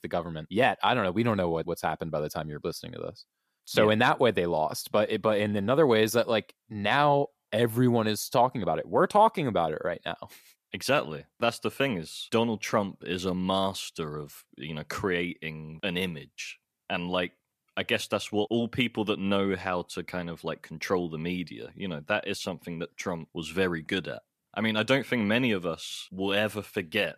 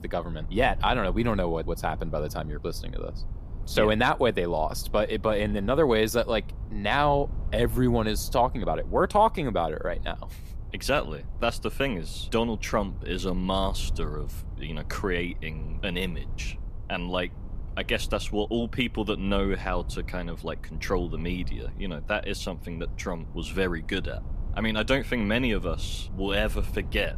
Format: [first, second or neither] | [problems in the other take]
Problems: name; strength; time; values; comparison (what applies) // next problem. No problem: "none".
first | low rumble; faint; throughout; 25 dB below the speech